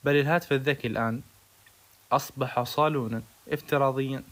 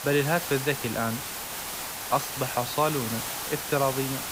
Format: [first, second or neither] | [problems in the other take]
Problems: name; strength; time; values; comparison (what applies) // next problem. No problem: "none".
first | hiss; loud; throughout; 4 dB below the speech; faint in the first